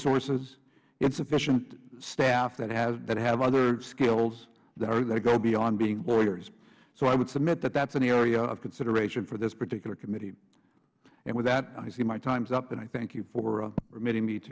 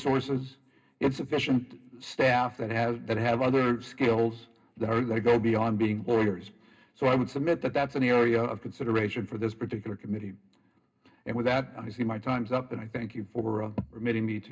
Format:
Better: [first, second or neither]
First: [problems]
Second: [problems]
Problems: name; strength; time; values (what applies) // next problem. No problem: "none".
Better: first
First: none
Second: room echo; dies away in 0.2 s